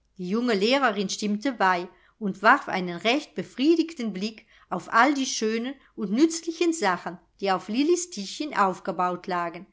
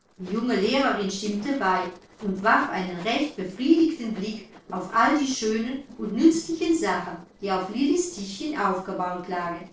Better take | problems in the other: first | noise reduction (neural separator model SepFormer DNS4)

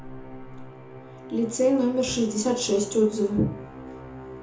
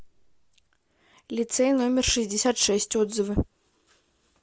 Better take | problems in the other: second | background sound (Musical instrument); 15 dB below the speech // room echo; dies away in 0.6 s

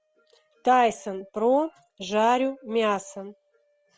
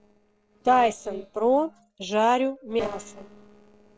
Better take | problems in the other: first | noise reduction (neural separator model SepFormer DNS4)

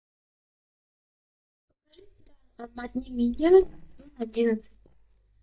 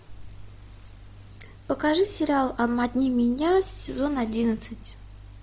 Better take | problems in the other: second | noise reduction (neural mask model DeepFilterNet 3)

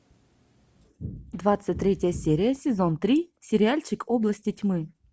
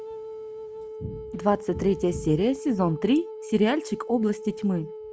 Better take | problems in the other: first | background sound (Wind instrument, woodwind instrument); 12 dB below the speech

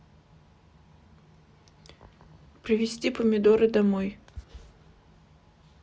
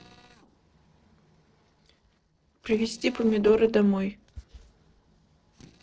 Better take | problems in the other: first | noise reduction (neural separator model SepFormer DNS4)

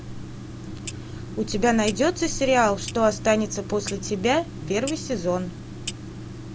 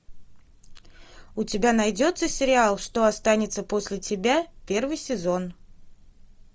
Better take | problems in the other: second | background sound (Clock); 10 dB below the speech

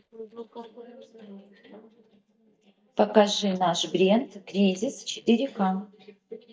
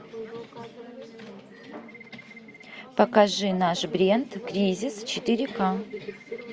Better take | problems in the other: second | noise reduction (neural mask model DeepFilterNet 3)

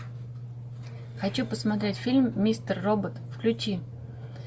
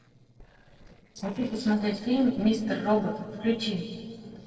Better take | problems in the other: first | noise reduction (neural separator model SepFormer DNS4)

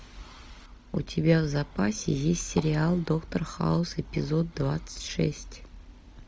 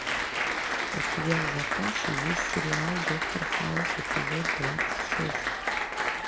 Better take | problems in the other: first | background sound (Applause); 5 dB above the speech

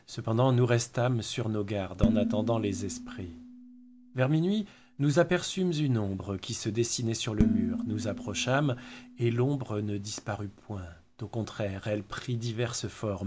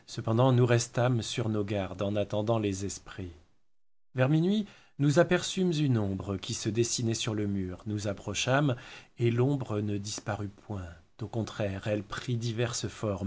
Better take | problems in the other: second | background sound (Dishes, pots, and pans); 5 dB below the speech

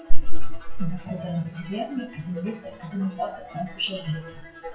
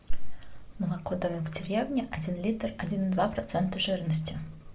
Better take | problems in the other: second | noise reduction (classical method WPE with log-MMSE)

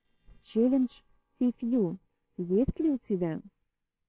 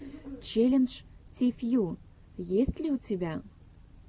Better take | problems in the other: second | noise reduction (neural separator model SepFormer WHAMR!)

